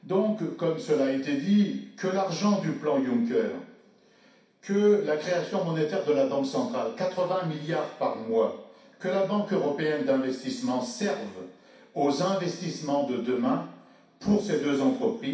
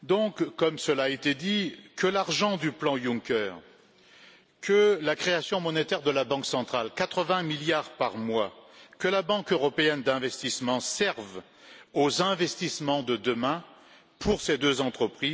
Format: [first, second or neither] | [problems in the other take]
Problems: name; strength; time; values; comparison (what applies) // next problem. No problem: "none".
second | room echo; dies away in 0.6 s